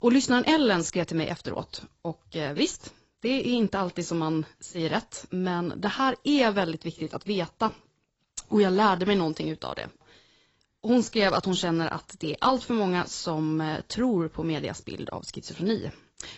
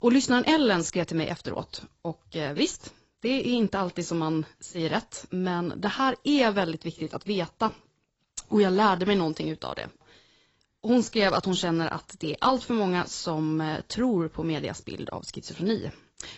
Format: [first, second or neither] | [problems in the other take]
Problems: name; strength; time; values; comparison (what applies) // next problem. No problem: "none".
neither | garbled, watery; badly; nothing above 8 kHz; the same in both